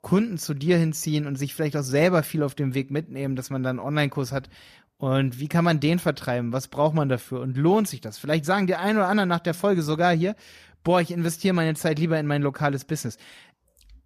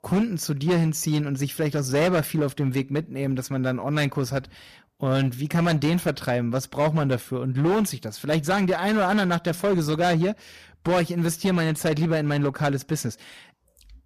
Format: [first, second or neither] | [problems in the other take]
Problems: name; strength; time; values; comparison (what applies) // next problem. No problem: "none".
first | distortion; slight; 9% of the sound clipped